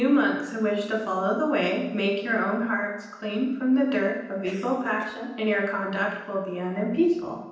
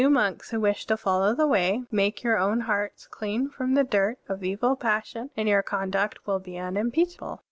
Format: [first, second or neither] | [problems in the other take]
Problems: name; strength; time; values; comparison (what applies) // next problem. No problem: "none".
second | background sound (Cough); 18 dB below the speech // room echo; dies away in 0.9 s